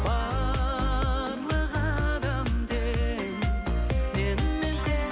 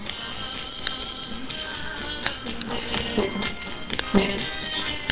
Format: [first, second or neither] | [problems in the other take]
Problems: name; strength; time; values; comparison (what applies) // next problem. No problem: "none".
first | noise reduction (neural separator model SepFormer WHAMR!)